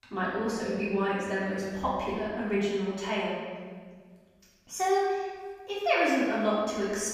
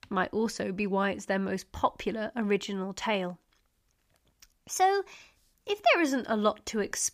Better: second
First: off-mic speech; far // room echo; strong; dies away in 1.5 s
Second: none

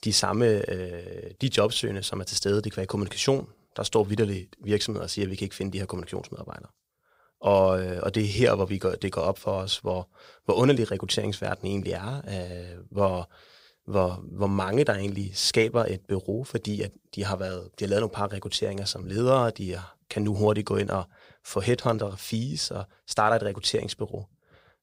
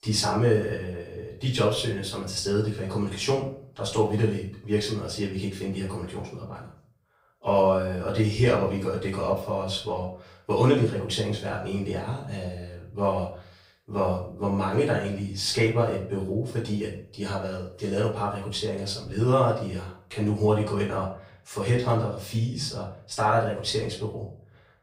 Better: first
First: none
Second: off-mic speech; far // room echo; noticeable; dies away in 0.4 s

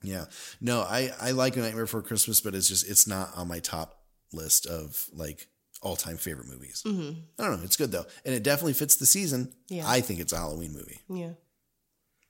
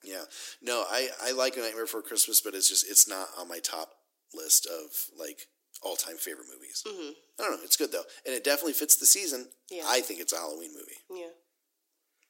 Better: first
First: none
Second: thin; somewhat; fading below 300 Hz

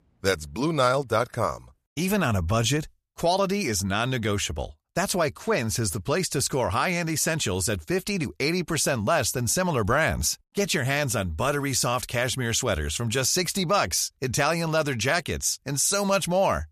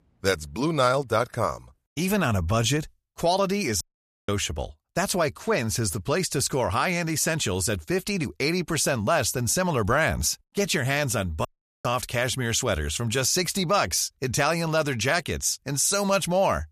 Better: first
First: none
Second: audio cutting out; at 4 s and at 11 s

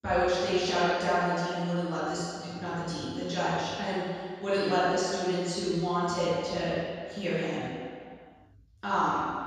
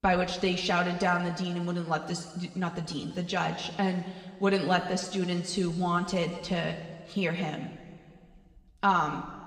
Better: second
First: room echo; strong; dies away in 1.8 s // off-mic speech; far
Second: room echo; slight; dies away in 1.7 s // off-mic speech; somewhat distant

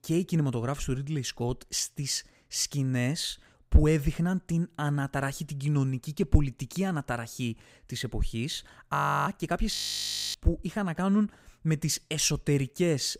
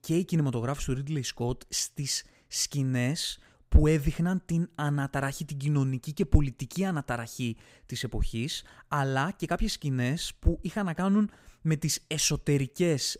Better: second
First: audio freezing; at 9 s and at 10 s for 0.5 s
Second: none

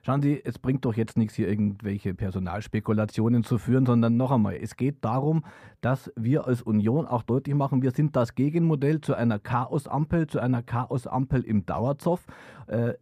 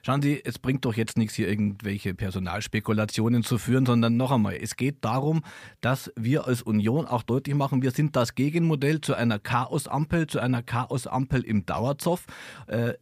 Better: second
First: muffled; slightly; fading above 1.5 kHz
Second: none

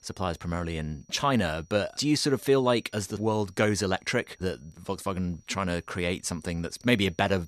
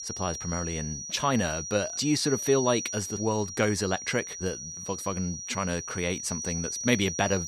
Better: first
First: high-pitched whine; faint; throughout; 6 kHz, 35 dB below the speech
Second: high-pitched whine; loud; throughout; 6 kHz, 5 dB below the speech

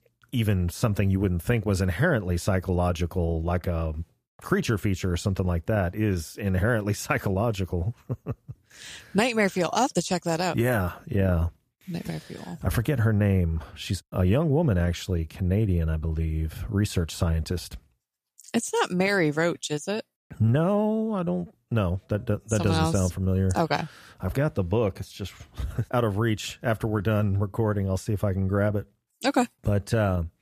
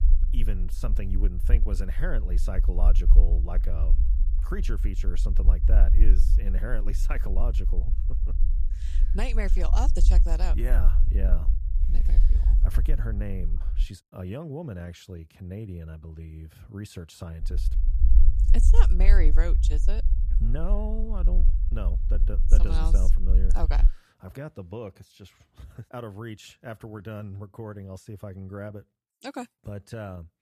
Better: first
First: none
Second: low rumble; loud; until 14 s and from 17 to 24 s; 9 dB below the speech

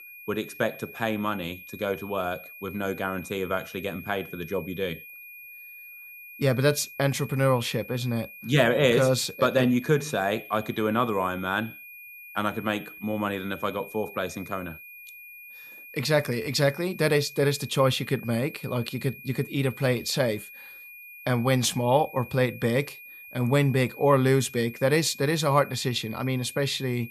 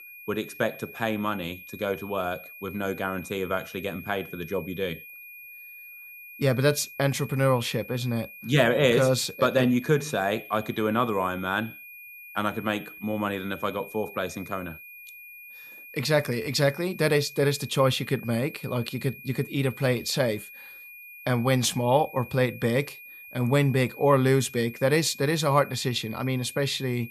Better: neither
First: high-pitched whine; noticeable; throughout; 2.5 kHz, 15 dB below the speech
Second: high-pitched whine; noticeable; throughout; 2.5 kHz, 15 dB below the speech

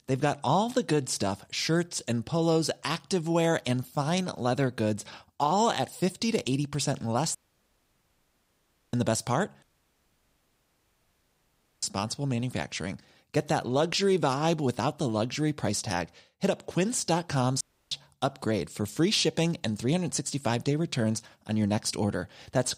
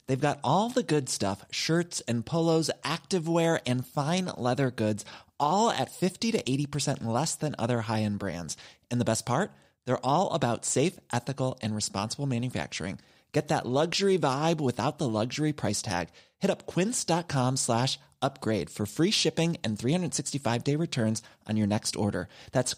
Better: second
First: audio cutting out; at 7.5 s for 1.5 s, at 9.5 s for 2 s and at 18 s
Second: none

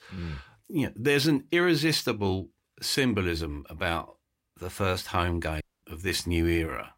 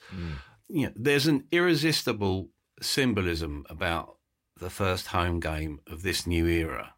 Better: second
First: audio cutting out; at 5.5 s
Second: none

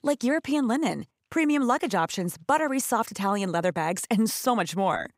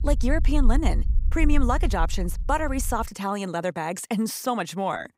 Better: first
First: none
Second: low rumble; faint; until 3 s; 20 dB below the speech

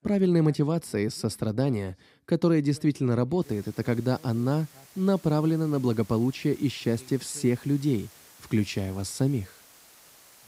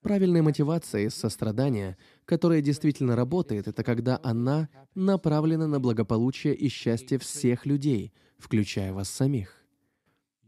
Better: second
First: hiss; faint; from 3.5 s on; 25 dB below the speech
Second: none

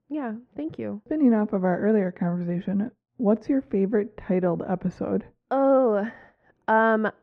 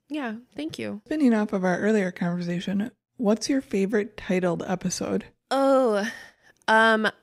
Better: second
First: muffled; very; fading above 3.5 kHz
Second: none

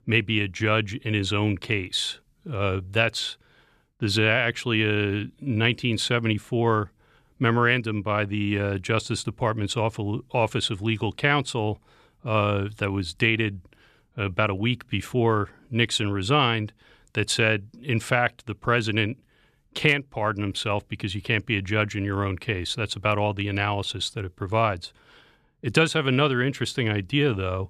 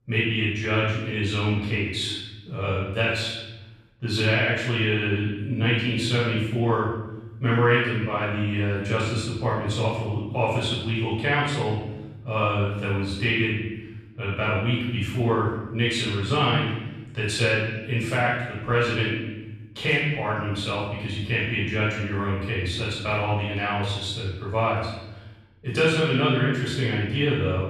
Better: first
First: none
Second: off-mic speech; far // room echo; strong; dies away in 1 s

